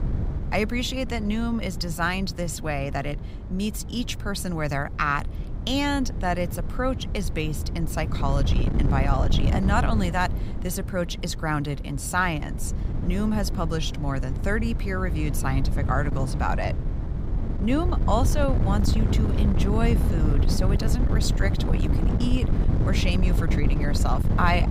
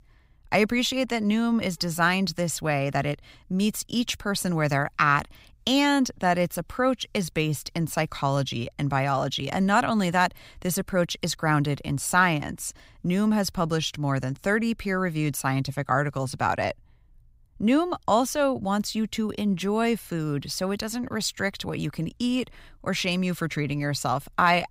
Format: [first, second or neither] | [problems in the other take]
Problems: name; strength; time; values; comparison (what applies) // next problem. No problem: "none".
second | wind noise on the microphone; heavy; 9 dB below the speech